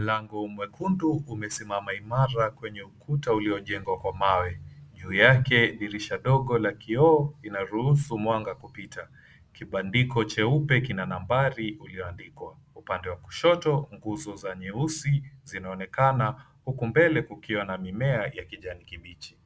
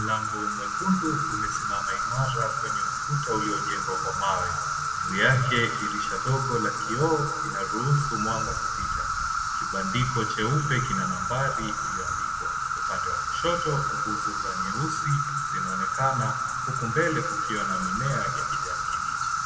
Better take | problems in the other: first | background sound (Insect); 1 dB above the speech // room echo; dies away in 1.6 s

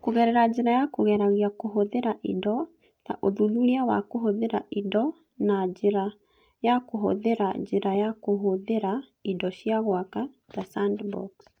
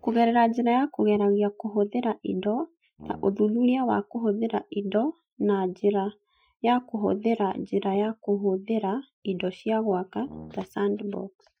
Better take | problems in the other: first | noise reduction (classical method Wiener filter)

